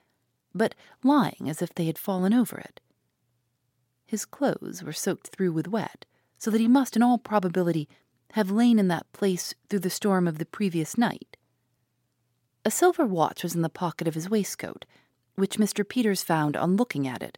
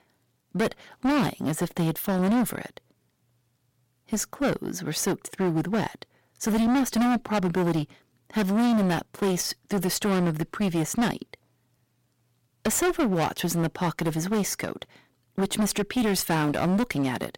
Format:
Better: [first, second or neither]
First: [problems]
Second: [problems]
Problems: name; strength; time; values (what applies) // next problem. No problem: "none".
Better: first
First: none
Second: distortion; heavy; 16% of the sound clipped